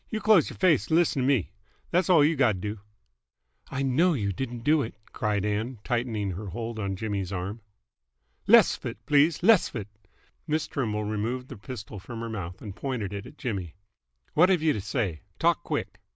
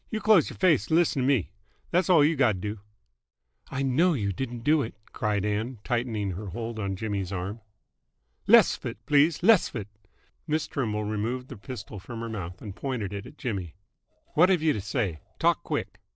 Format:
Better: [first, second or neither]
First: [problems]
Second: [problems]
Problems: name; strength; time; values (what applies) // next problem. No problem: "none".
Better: first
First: none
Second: noise reduction (neural separator model SepFormer DNS4)